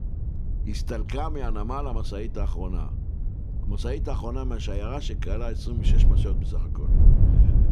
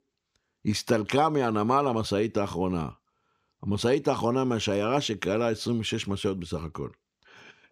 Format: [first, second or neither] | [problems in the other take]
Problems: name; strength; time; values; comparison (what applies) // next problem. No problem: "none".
second | wind noise on the microphone; heavy; 7 dB below the speech